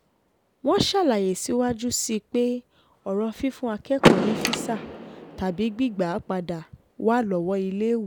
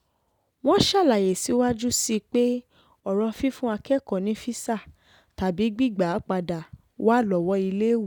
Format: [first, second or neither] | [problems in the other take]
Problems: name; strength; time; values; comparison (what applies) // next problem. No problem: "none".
second | background sound (Door / Car + Mechanisms); 4 dB below the speech